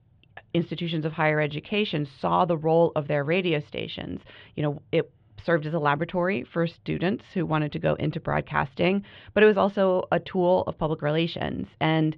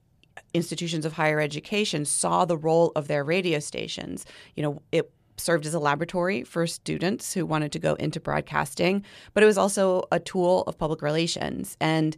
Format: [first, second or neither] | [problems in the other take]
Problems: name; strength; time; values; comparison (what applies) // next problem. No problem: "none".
second | muffled; very; fading above 3.5 kHz